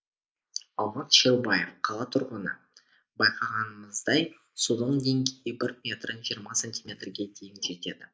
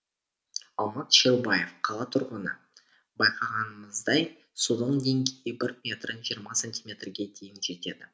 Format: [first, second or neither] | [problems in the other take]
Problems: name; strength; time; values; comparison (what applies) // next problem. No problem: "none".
second | noise reduction (neural mask model Resemble Enhance denoiser)